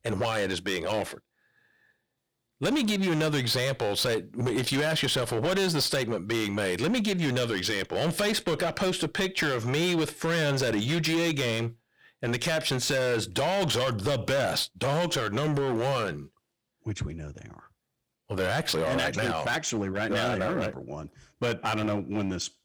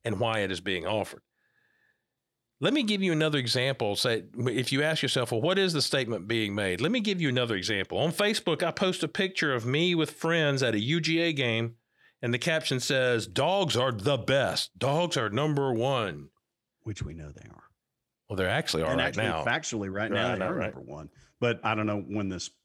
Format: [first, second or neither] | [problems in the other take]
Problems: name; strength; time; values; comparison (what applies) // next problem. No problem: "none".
second | distortion; heavy; 15% of the sound clipped